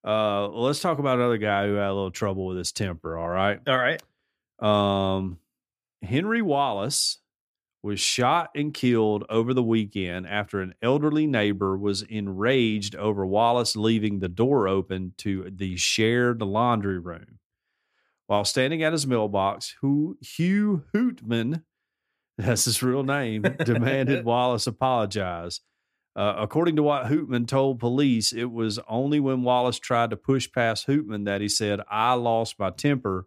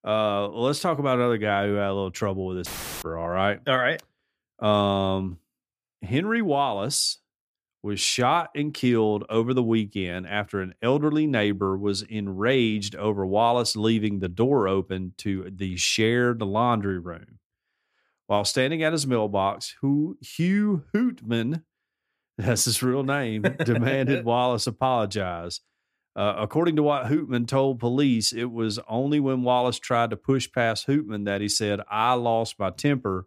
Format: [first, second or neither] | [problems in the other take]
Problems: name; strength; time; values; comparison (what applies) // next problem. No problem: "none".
first | audio cutting out; filled with static; at 2.5 s